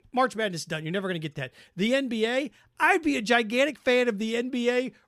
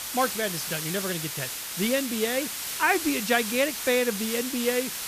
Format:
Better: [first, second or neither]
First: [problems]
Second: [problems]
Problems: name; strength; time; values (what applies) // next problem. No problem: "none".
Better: first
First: none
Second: hiss; loud; throughout; 4 dB below the speech